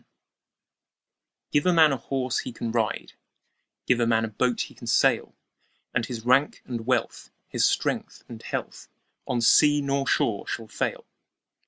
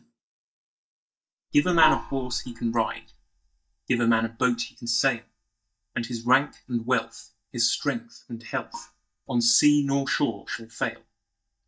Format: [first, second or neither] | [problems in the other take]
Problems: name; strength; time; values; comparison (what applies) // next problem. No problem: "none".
first | noise reduction (neural mask model DeepFilterNet 3)